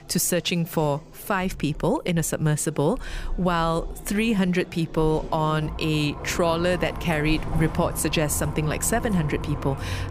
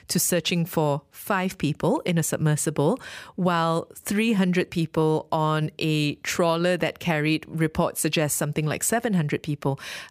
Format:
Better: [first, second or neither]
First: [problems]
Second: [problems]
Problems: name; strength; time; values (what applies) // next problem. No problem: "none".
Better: second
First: traffic noise; noticeable; throughout; 10 dB below the speech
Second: none